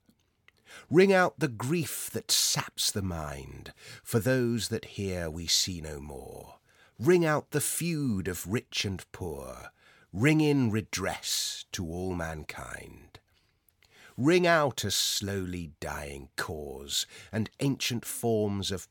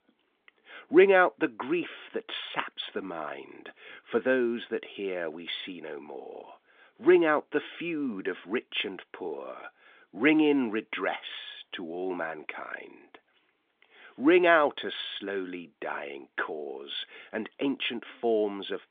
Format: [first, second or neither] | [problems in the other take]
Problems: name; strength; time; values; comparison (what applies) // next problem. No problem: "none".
first | phone-call audio; nothing above 3.5 kHz